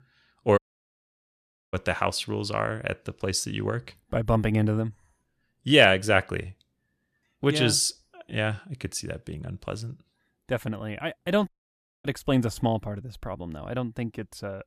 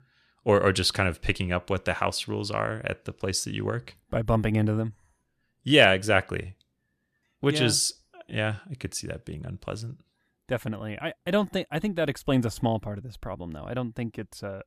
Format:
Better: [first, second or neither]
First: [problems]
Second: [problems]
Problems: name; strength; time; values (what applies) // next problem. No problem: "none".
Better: second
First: audio cutting out; at 0.5 s for 1 s and at 11 s for 0.5 s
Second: none